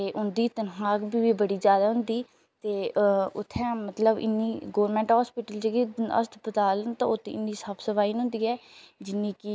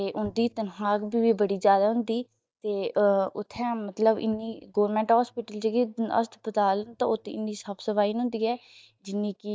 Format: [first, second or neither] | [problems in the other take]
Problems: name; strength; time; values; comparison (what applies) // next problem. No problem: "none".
first | noise reduction (neural mask model DeepFilterNet 3)